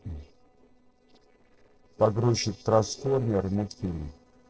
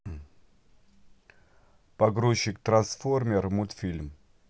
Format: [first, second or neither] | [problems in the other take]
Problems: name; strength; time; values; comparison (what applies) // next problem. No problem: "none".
second | noise reduction (neural separator model SepFormer DNS4)